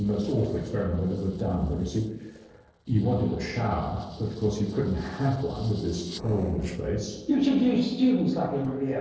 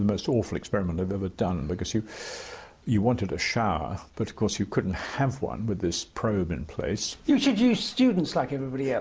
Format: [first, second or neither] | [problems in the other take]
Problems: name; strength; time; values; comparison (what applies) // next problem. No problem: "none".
second | noise reduction (neural separator model SepFormer DNS4)